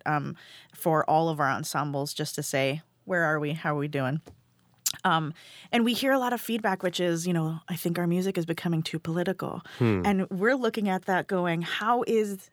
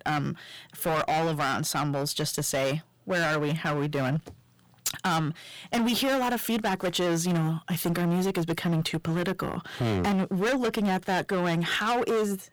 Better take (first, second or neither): first